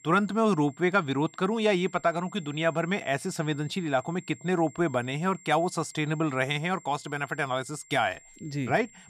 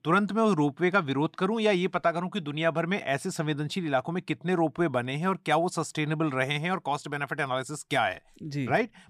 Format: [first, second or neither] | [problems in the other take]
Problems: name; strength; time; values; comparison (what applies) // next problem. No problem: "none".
second | high-pitched whine; faint; throughout; 7.5 kHz, 25 dB below the speech